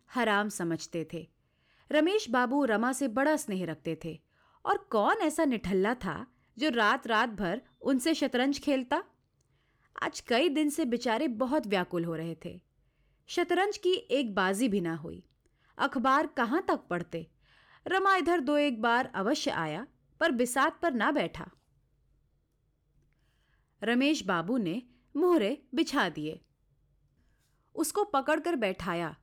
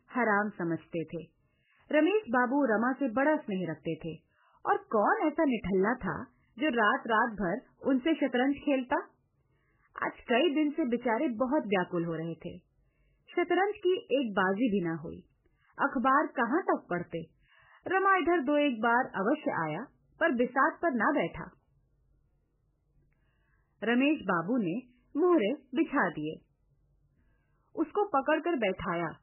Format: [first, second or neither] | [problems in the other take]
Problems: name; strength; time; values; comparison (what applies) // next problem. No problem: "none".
first | garbled, watery; badly; nothing above 3 kHz